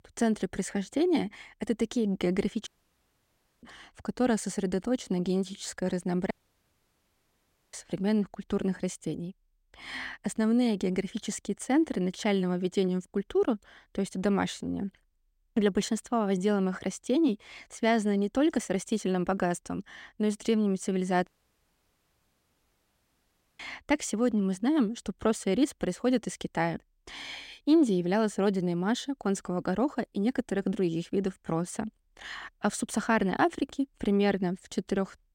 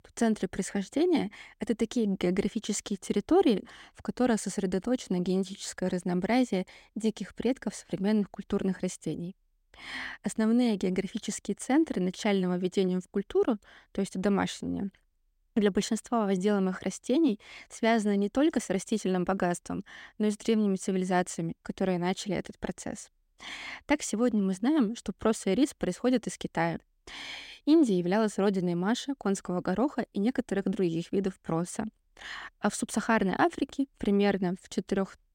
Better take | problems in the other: second | audio cutting out; at 2.5 s for 1 s, at 6.5 s for 1.5 s and at 21 s for 2.5 s

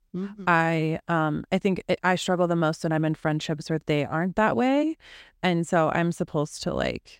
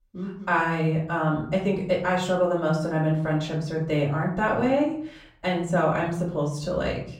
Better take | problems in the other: first | room echo; slight; dies away in 0.7 s // off-mic speech; far

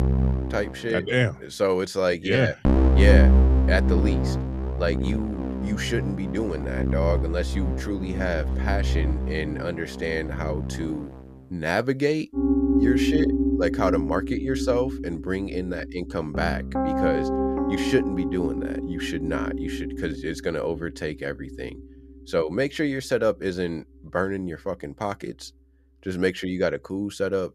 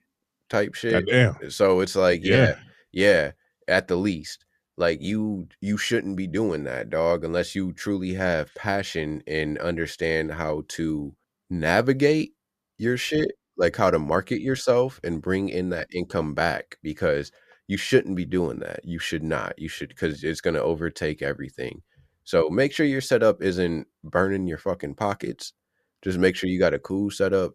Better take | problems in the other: second | background music; very loud; throughout; 2 dB above the speech

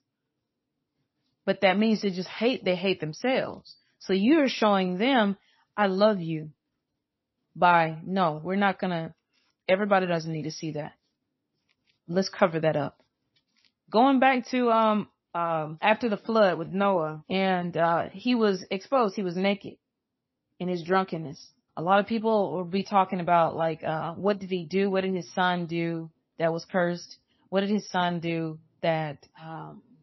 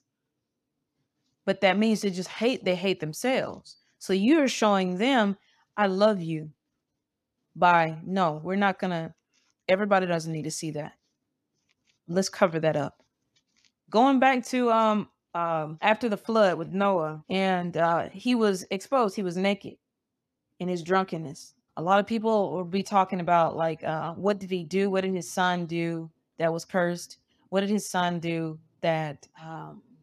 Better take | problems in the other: second | garbled, watery; slightly; nothing above 5.5 kHz

